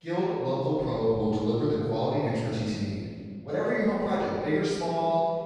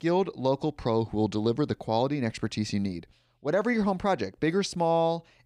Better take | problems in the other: second | off-mic speech; far // room echo; strong; dies away in 1.6 s

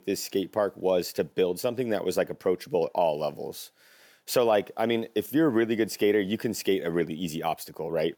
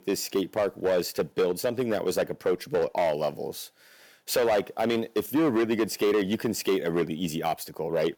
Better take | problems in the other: first | distortion; slight; 8% of the sound clipped

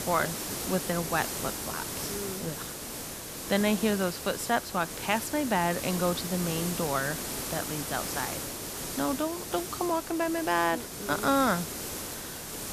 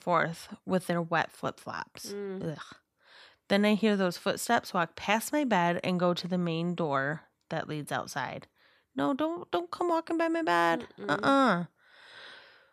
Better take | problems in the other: second | hiss; loud; throughout; 4 dB below the speech

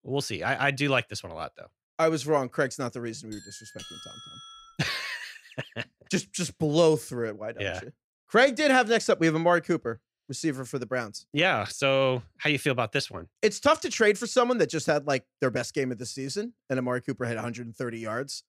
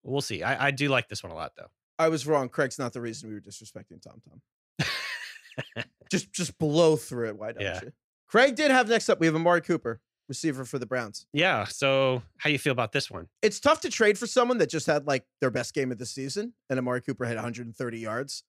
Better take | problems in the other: second | doorbell; faint; from 3.5 to 4.5 s; peak 15 dB below the speech

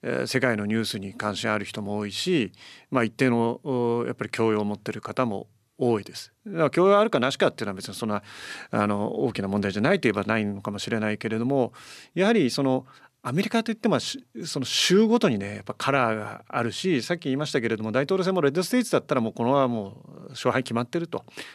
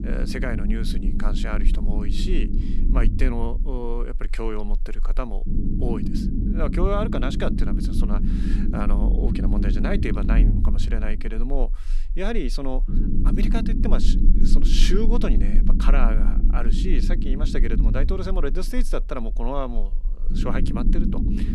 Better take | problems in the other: first | low rumble; loud; throughout; 4 dB below the speech

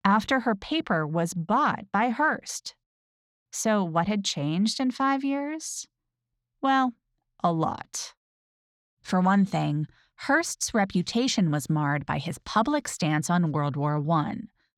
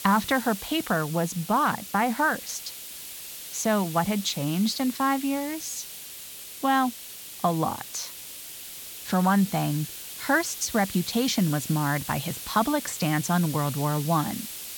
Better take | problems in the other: first | hiss; loud; throughout; 10 dB below the speech

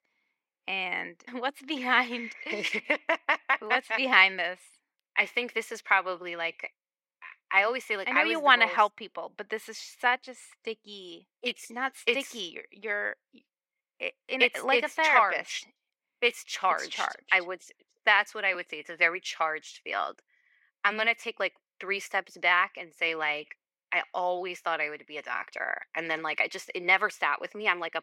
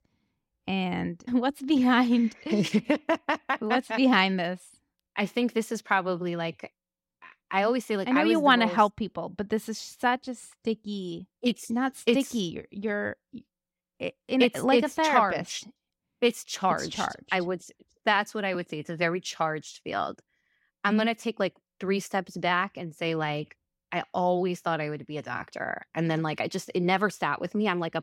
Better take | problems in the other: second | thin; very; fading below 500 Hz

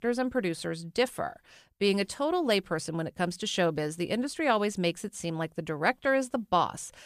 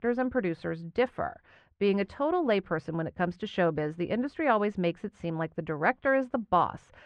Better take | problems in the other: first | muffled; very; fading above 1.5 kHz

